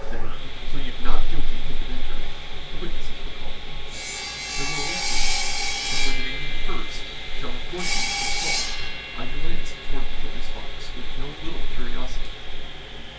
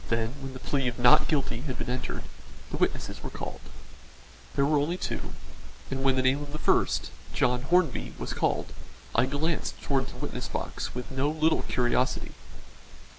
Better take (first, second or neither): second